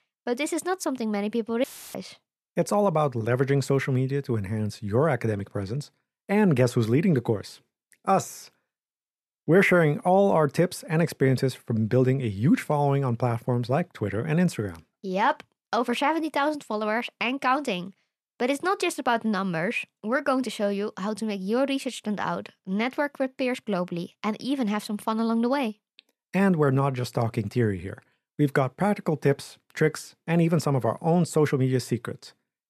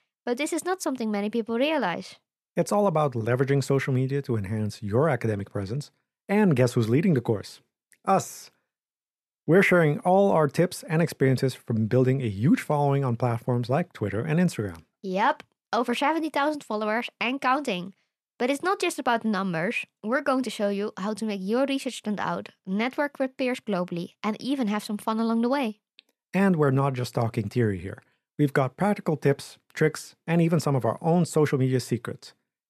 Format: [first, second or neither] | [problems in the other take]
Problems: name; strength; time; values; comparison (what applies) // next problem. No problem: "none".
second | audio cutting out; filled with static; at 1.5 s